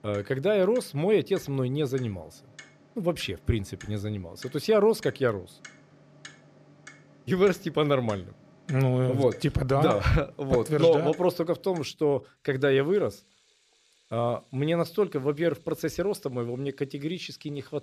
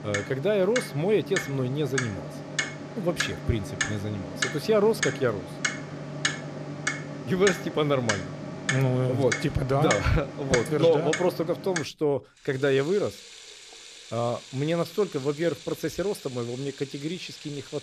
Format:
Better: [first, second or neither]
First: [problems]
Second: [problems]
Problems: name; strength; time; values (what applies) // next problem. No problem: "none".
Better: first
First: household noises; faint; throughout; 25 dB below the speech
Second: household noises; loud; throughout; 6 dB below the speech